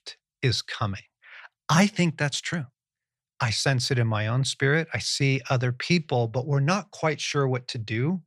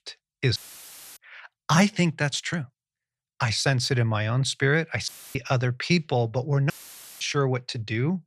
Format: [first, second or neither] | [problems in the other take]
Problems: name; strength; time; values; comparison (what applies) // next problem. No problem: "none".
first | audio cutting out; filled with static; at 0.5 s for 0.5 s, at 5 s and at 6.5 s for 0.5 s